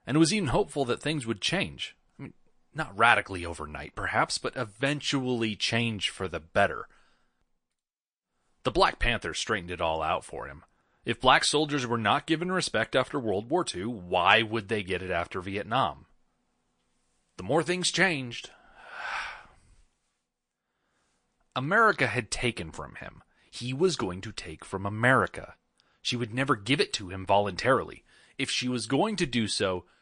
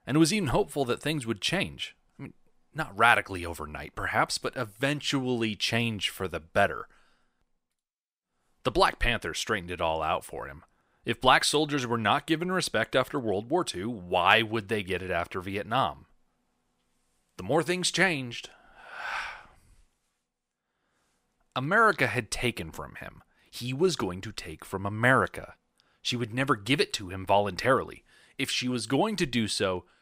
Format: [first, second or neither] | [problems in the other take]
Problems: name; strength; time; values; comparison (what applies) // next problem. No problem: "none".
second | garbled, watery; slightly; nothing above 9 kHz